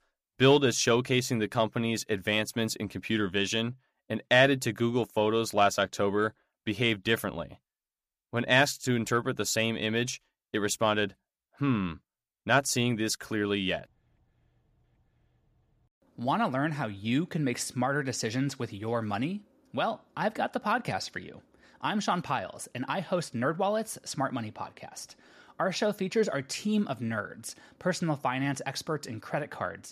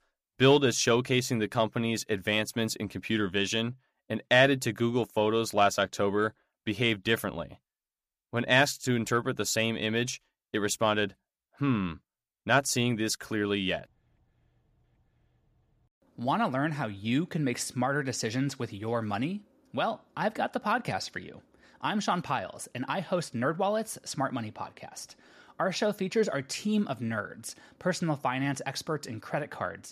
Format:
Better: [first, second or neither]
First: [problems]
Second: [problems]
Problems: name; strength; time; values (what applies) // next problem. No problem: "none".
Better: neither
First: none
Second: none